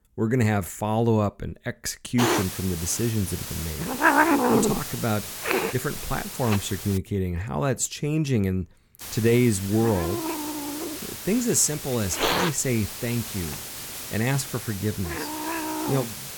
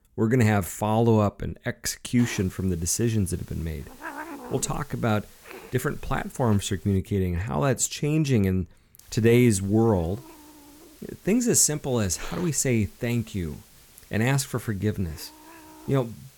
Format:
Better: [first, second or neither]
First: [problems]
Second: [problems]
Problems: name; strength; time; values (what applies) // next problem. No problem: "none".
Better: second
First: hiss; loud; from 2 to 7 s and from 9 s on; 2 dB below the speech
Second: hiss; faint; from 2 to 7 s and from 9 s on; 20 dB below the speech